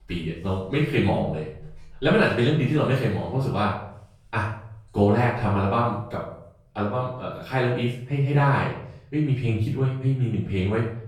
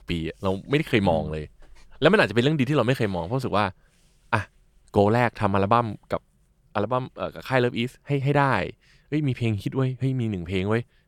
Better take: second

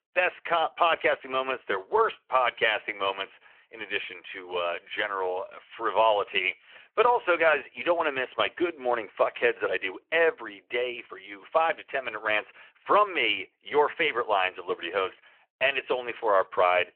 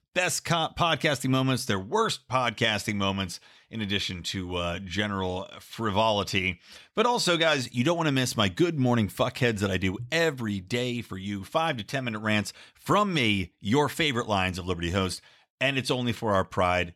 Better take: second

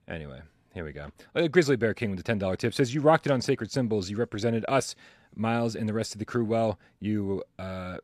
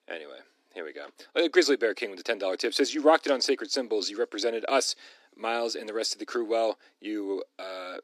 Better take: first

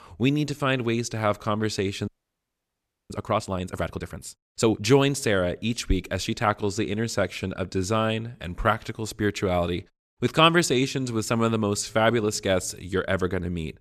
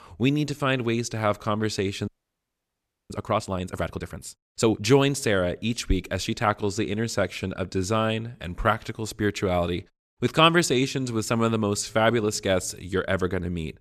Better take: neither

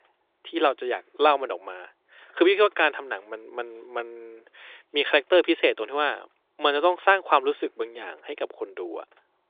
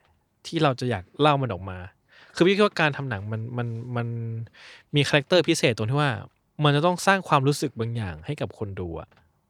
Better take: second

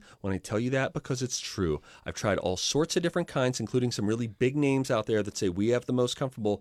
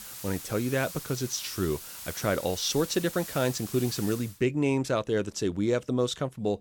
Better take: first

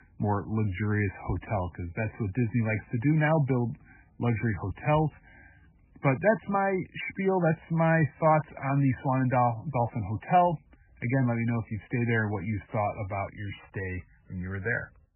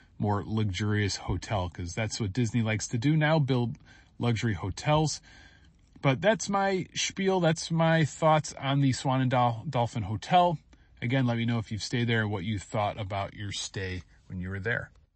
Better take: second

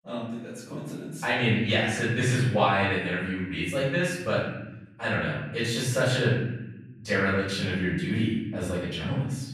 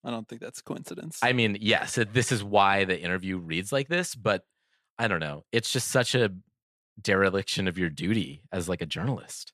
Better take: second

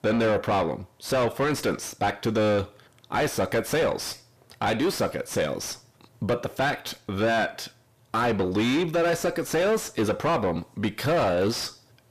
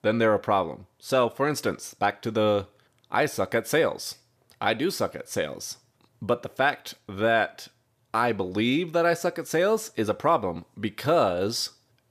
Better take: second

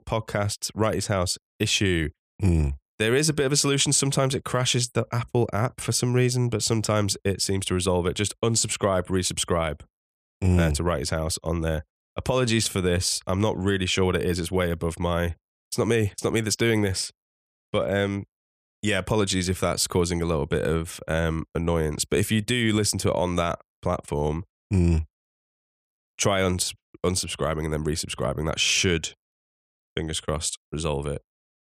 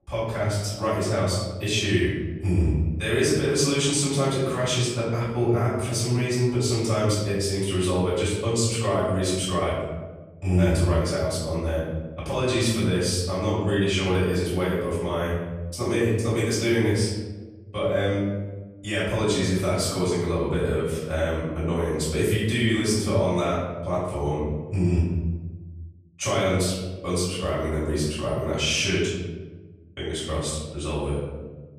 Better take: first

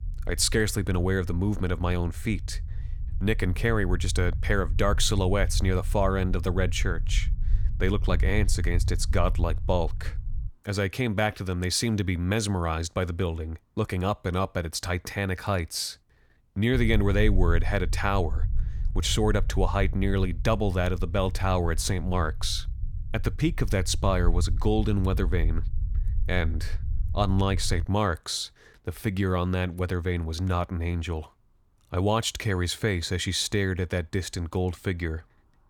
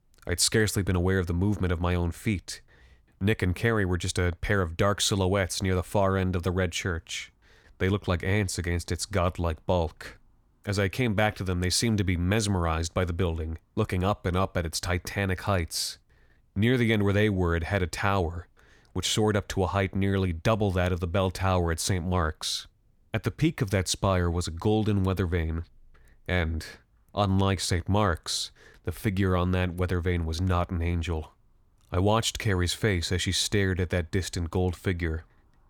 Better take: second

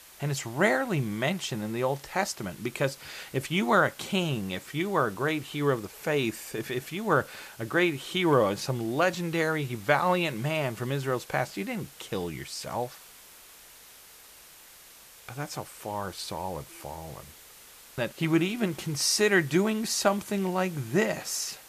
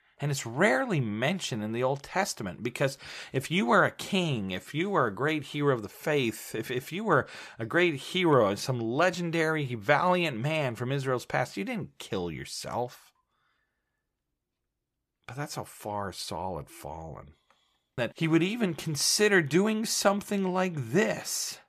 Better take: second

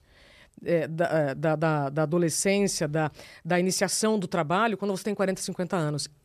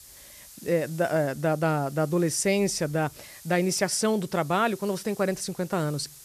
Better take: first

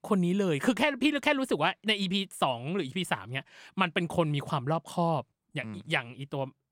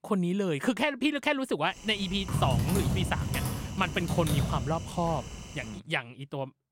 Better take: first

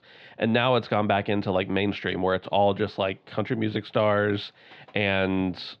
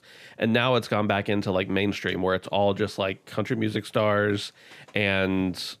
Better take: second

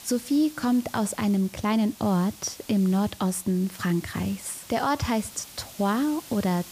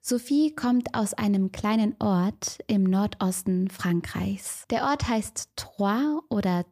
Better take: second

